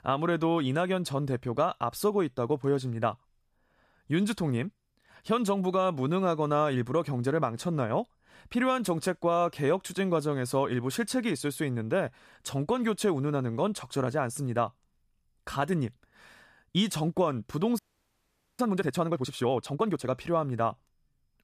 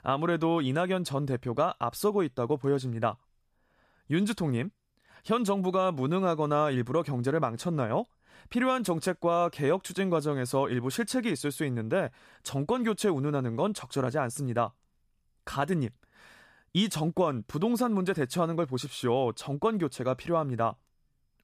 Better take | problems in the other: second | audio freezing; at 18 s for 1 s

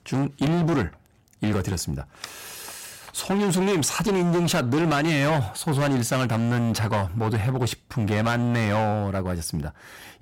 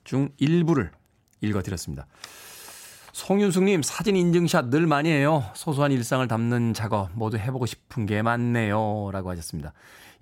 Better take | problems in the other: second | distortion; heavy; 20% of the sound clipped

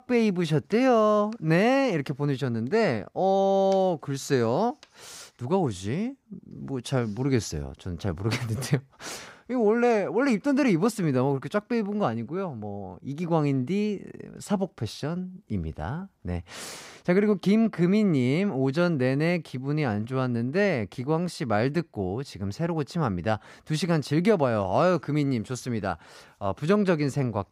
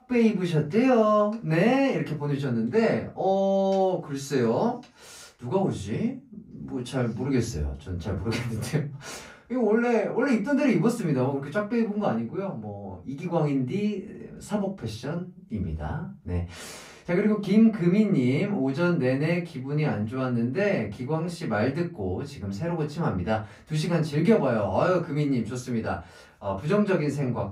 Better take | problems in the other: first | off-mic speech; far // room echo; very slight; dies away in 0.2 s

